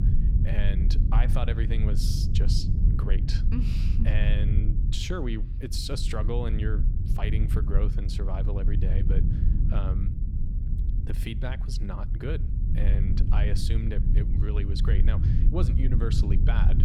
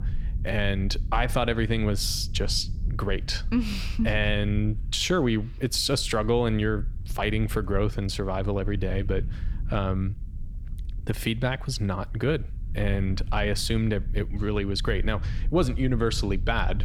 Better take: second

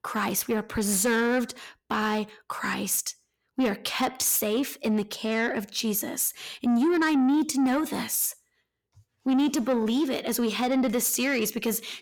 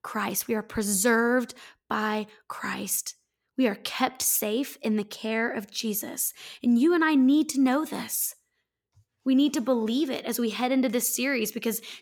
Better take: second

